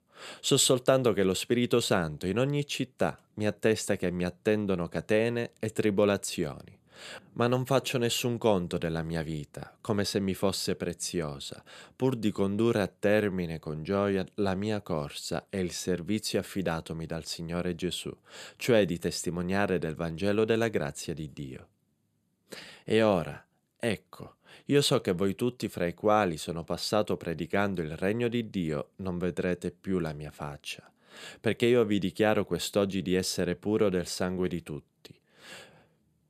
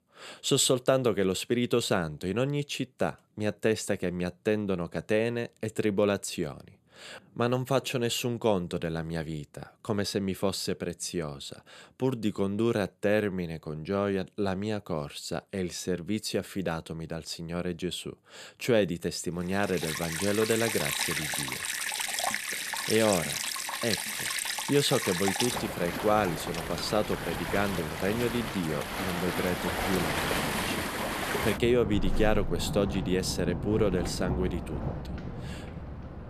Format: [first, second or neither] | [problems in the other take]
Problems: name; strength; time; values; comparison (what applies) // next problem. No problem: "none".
first | rain or running water; loud; from 20 s on; 2 dB below the speech